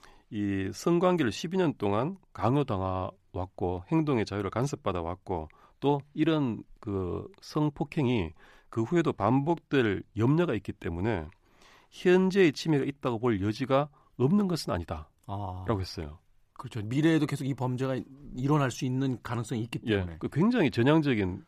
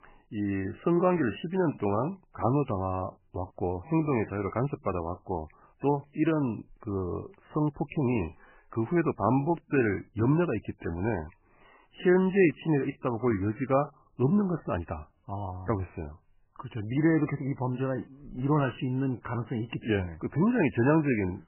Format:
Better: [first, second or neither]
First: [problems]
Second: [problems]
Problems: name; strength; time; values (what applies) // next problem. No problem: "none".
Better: first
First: none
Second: garbled, watery; badly; nothing above 3 kHz